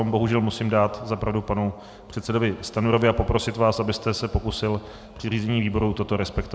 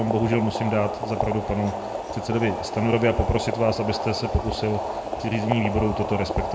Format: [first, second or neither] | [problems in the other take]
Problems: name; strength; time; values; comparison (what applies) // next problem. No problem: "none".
first | background sound (Boiling); 5 dB below the speech // room echo; dies away in 1.1 s